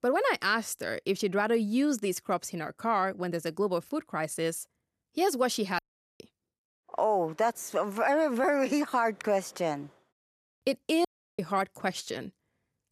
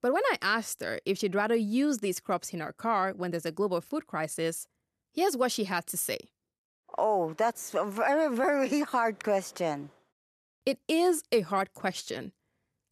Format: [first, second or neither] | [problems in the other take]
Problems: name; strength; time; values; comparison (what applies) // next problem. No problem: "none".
second | audio cutting out; at 6 s and at 11 s